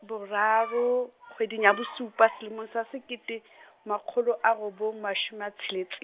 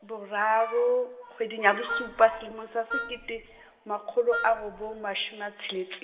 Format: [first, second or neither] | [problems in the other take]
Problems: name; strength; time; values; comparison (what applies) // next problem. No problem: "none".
first | background sound (Wind instrument, woodwind instrument); 9 dB below the speech // room echo; dies away in 1.3 s